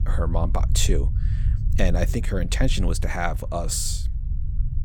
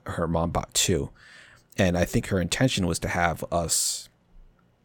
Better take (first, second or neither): second